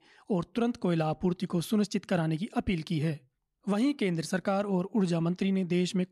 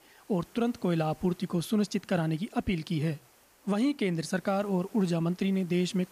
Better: first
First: none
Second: hiss; faint; throughout; 25 dB below the speech

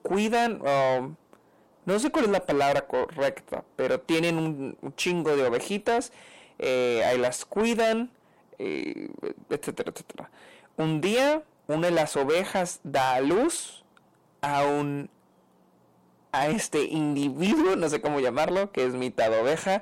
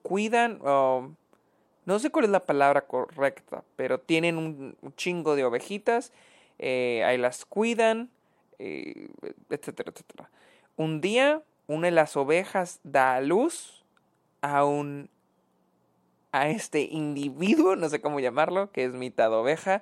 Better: second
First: distortion; heavy; 7 dB below the speech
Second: none

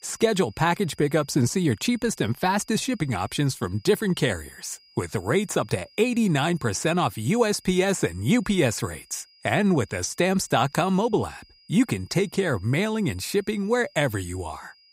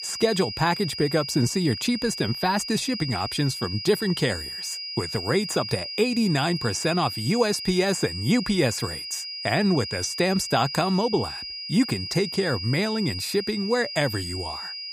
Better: first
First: high-pitched whine; faint; throughout; 5 kHz, 30 dB below the speech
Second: high-pitched whine; loud; throughout; 5 kHz, 6 dB below the speech

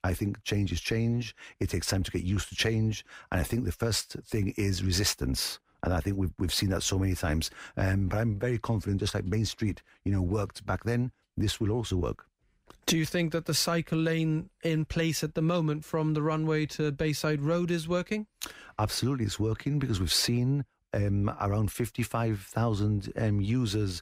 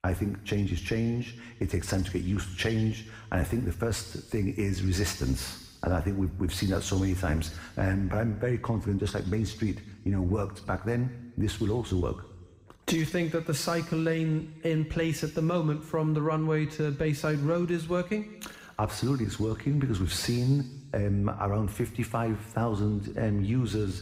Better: first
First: none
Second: room echo; slight; dies away in 1.3 s

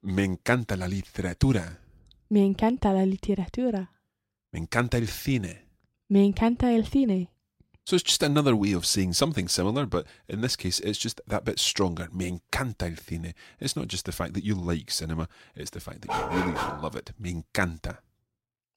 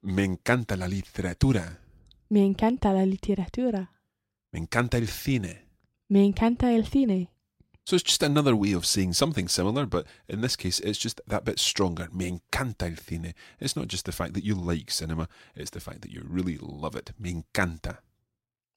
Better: second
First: dog barking; noticeable; at 16 s; peak 2 dB below the speech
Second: none

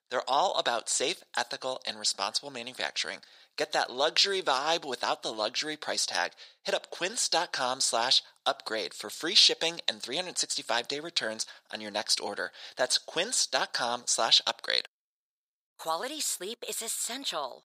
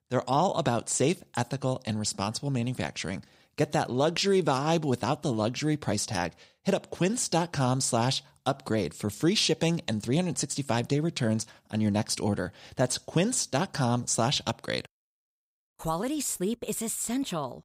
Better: second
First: thin; very; fading below 600 Hz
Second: none

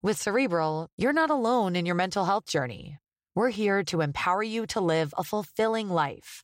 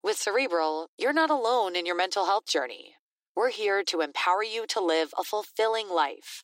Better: first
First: none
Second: thin; somewhat; fading below 300 Hz

